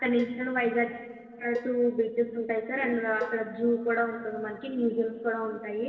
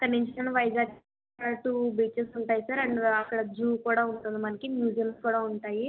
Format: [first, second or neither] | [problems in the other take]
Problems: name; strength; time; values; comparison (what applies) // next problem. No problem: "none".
second | noise reduction (neural separator model SepFormer DNS4)